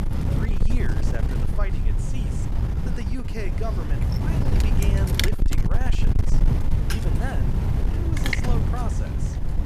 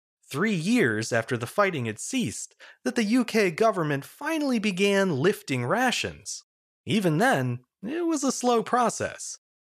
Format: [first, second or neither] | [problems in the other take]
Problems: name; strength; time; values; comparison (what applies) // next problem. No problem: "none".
second | wind noise on the microphone; heavy; 3 dB above the speech